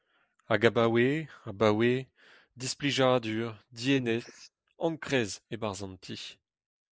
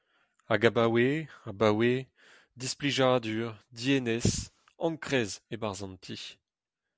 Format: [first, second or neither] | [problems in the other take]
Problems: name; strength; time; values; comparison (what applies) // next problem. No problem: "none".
second | noise reduction (neural mask model Resemble Enhance denoiser)